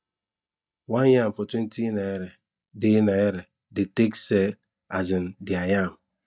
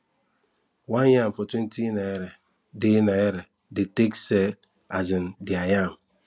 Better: second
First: noise reduction (neural mask model DeepFilterNet 3)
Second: none

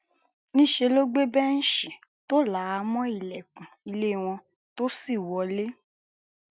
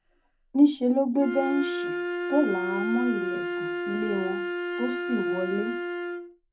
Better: first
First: none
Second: background sound (Wind instrument, woodwind instrument); 3 dB below the speech // room echo; dies away in 0.4 s

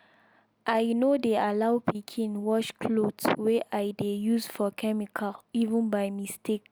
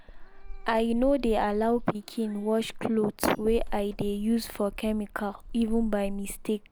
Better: first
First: none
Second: background sound (Meow / Purr + Shatter); 9 dB below the speech

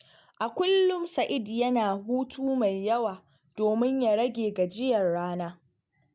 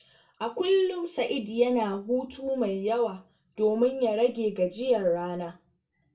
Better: first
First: none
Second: room echo; dies away in 0.2 s

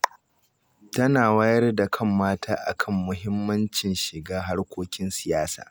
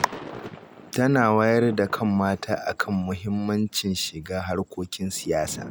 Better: first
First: none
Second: background sound (Thunder / Rain); 18 dB below the speech

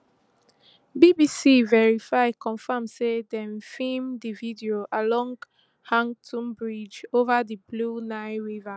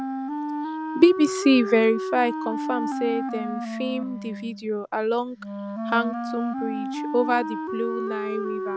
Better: first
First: none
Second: background sound (Wind instrument, woodwind instrument); 5 dB below the speech

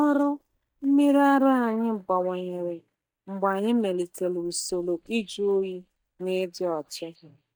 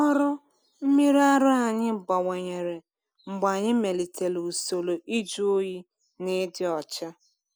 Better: second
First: noise reduction (neural mask model DeepFilterNet 3)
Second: none

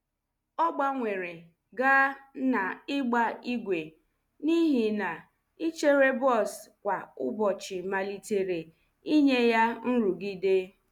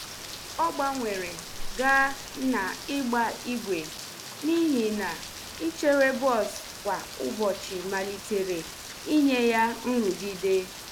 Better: first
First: none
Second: background sound (Rain); 11 dB below the speech

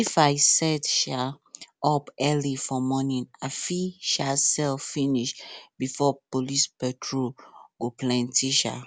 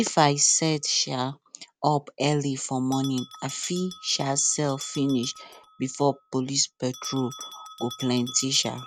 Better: first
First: none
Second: noise reduction (neural mask model RNNoise)

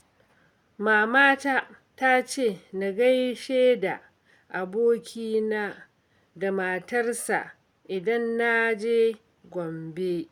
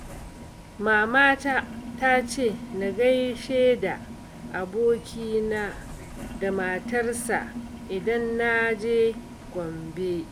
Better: first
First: none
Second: background sound (Bus + Sink (filling or washing)); 12 dB below the speech

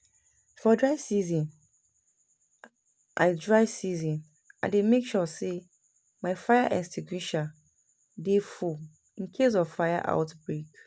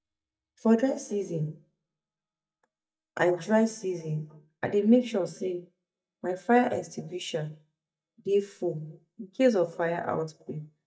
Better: first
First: none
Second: noise reduction (neural mask model DeepFilterNet 3)

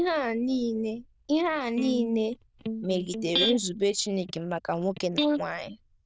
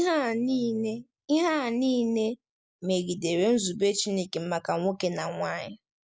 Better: second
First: noise reduction (neural diffusion model UNIVERSE++)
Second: none

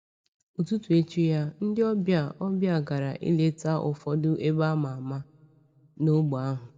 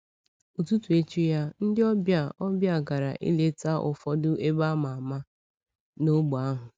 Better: second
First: room echo; dies away in 2 s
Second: none

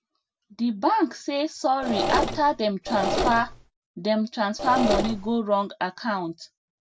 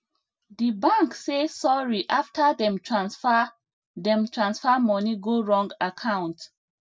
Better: second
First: background sound (Engine / Mechanisms); 2 dB below the speech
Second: none

